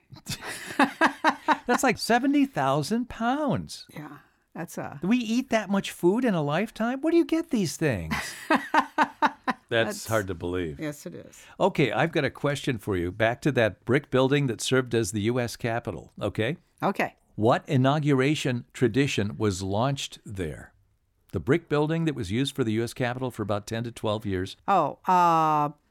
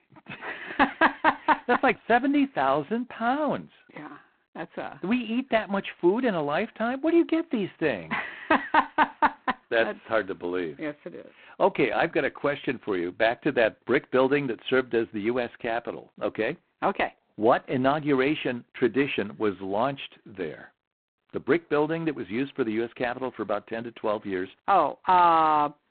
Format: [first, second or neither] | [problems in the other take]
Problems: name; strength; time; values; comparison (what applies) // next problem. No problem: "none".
first | phone-call audio; poor line; nothing above 4 kHz